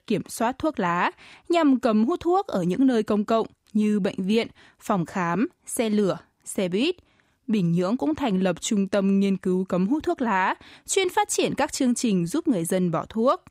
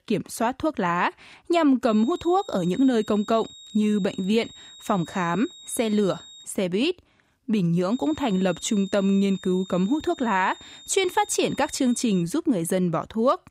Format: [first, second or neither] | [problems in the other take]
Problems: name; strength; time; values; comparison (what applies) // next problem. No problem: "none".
first | high-pitched whine; noticeable; from 2 to 6.5 s and from 8 to 12 s; 4 kHz, 20 dB below the speech